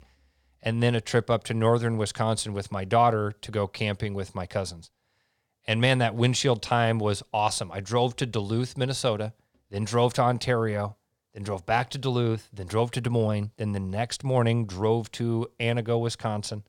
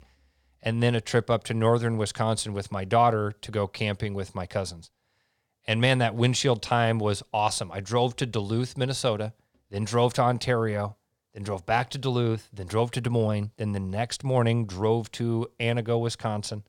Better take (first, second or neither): neither